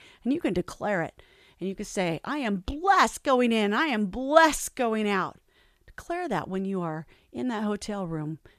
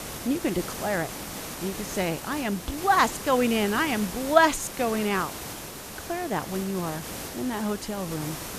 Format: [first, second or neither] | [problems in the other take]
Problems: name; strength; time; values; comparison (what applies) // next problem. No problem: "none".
first | hiss; loud; throughout; 9 dB below the speech